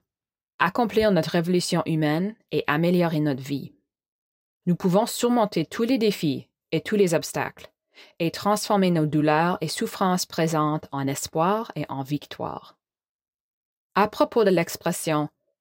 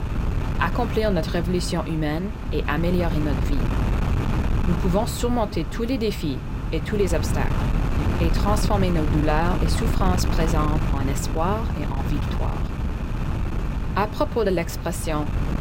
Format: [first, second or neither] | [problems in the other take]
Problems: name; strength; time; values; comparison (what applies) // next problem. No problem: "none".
first | wind noise on the microphone; heavy; 6 dB below the speech